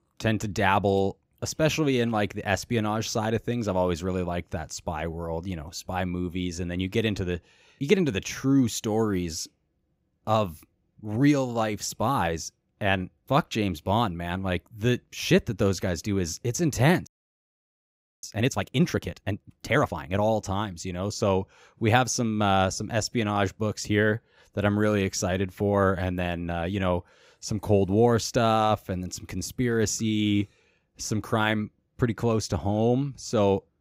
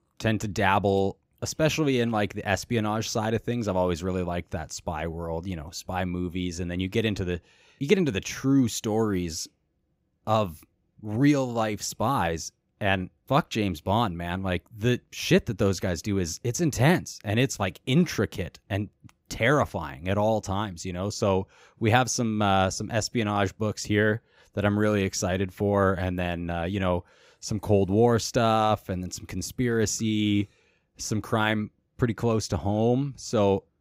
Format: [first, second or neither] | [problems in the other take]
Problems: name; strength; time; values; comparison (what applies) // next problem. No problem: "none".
second | audio freezing; at 17 s for 1 s